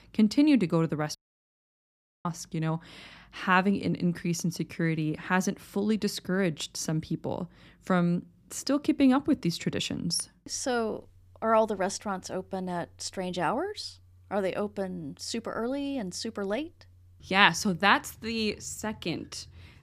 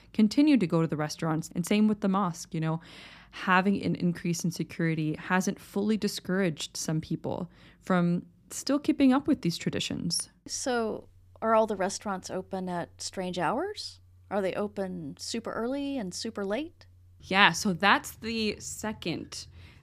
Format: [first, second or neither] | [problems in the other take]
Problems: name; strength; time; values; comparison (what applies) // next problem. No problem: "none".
second | audio cutting out; at 1 s for 1 s